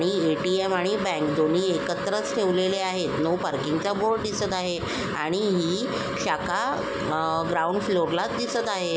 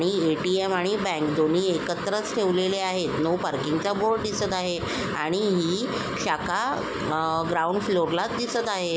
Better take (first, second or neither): second